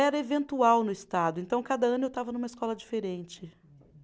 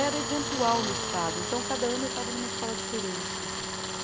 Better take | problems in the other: first | background sound (Tools); as loud as the speech

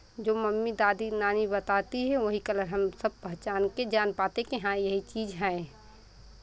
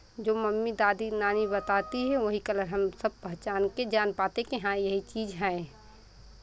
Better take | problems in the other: first | background sound (Wind instrument, woodwind instrument); 18 dB below the speech

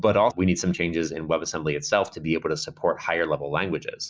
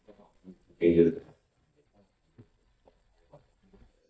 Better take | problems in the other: first | noise reduction (neural mask model DeepFilterNet 3)

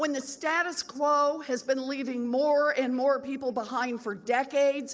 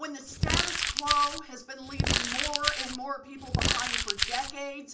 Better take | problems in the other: first | background sound (Crumpling, crinkling); 5 dB above the speech // room echo; dies away in 0.2 s

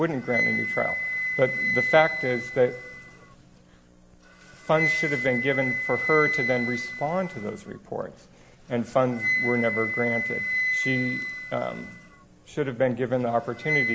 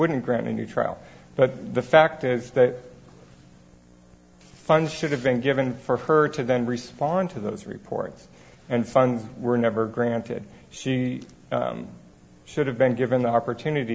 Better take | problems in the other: second | background sound (Wind instrument, woodwind instrument); 2 dB below the speech

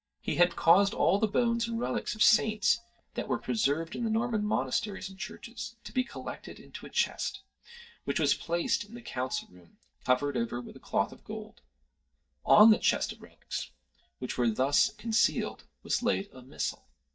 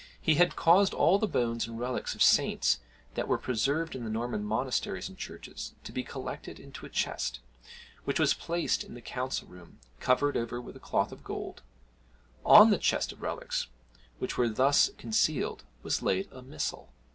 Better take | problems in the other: second | noise reduction (neural mask model DeepFilterNet 3)

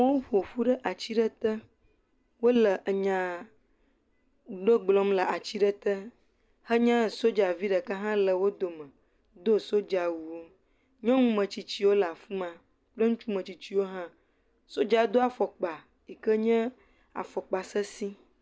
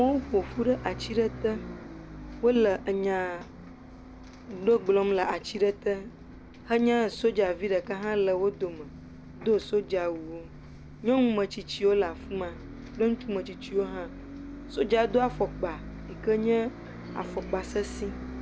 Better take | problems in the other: first | background sound (Bus); 13 dB below the speech

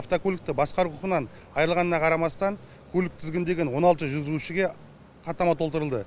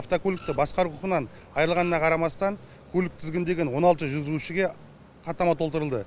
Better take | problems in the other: first | background sound (Printer); 19 dB below the speech

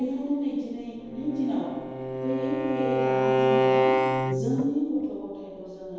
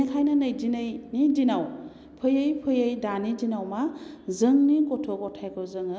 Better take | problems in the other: second | background sound (Bowed string instrument); 3 dB above the speech // room echo; dies away in 1.2 s

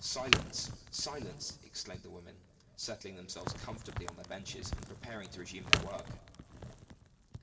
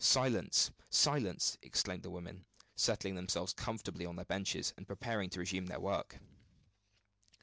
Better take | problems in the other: second | background sound (Crack); 5 dB above the speech // room echo; dies away in 1.5 s

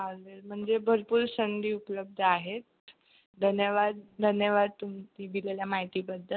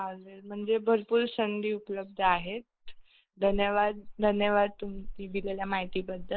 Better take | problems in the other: first | noise reduction (neural mask model Resemble Enhance denoiser)

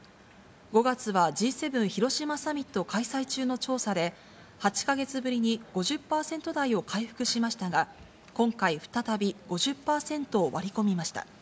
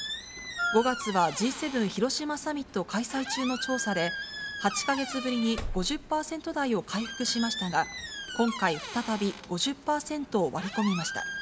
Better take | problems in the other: first | background sound (Wind instrument, woodwind instrument + Squeak); 8 dB below the speech

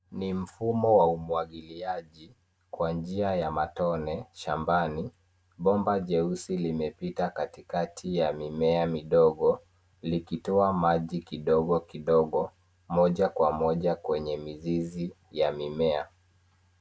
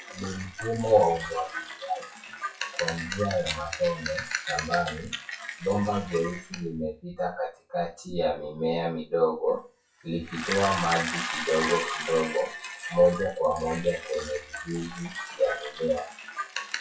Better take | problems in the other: first | noise reduction (classical method WPE with log-MMSE)

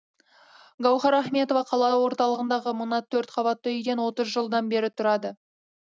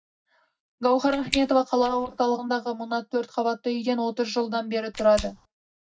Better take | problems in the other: first | noise reduction (neural mask model DeepFilterNet 3)

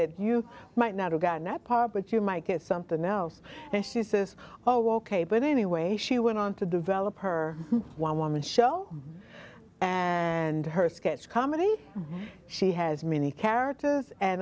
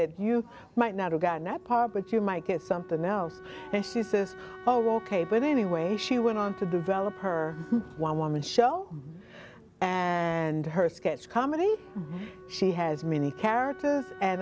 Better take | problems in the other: first | background sound (Wind instrument, woodwind instrument); 19 dB below the speech

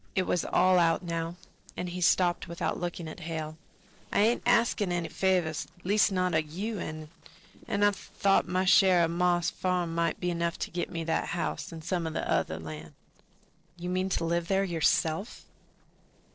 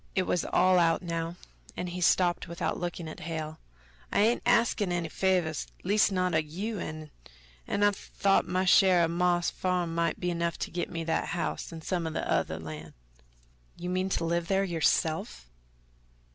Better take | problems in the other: second | noise reduction (neural separator model SepFormer DNS4)

